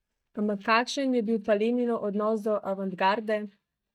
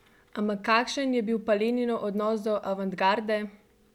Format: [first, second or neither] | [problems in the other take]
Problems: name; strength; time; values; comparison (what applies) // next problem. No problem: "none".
second | noise reduction (neural mask model DeepFilterNet 3)